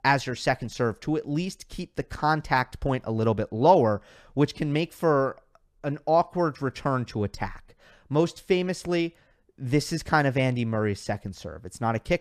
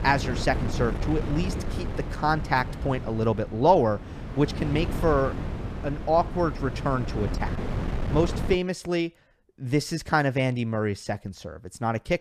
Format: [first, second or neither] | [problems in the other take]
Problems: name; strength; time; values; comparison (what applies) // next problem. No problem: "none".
first | wind noise on the microphone; occasional gusts; until 8.5 s; 10 dB below the speech